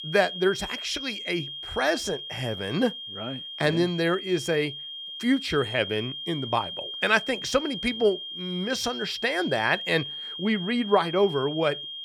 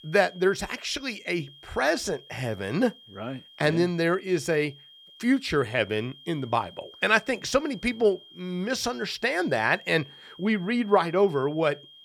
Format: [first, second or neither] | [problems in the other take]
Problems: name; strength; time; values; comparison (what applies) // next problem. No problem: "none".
second | high-pitched whine; loud; throughout; 3 kHz, 8 dB below the speech; faint in the second